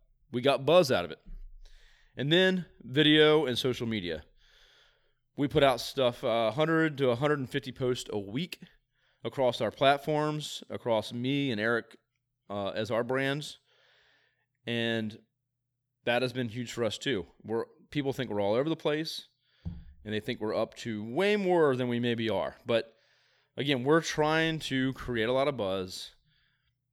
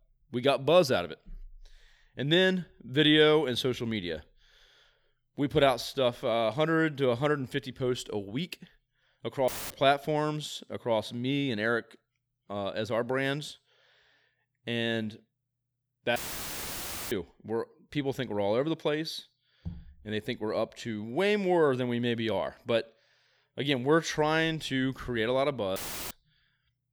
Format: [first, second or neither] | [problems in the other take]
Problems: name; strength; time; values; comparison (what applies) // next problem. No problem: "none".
first | audio cutting out; filled with static; at 9.5 s, at 16 s for 1 s and at 26 s